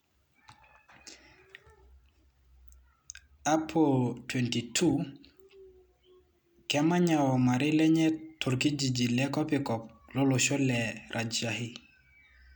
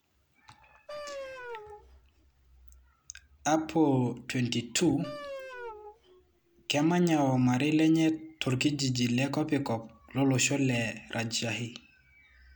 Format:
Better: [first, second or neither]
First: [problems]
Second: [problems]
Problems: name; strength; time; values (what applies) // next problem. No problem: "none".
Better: first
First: none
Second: background sound (Wind instrument, woodwind instrument); 14 dB below the speech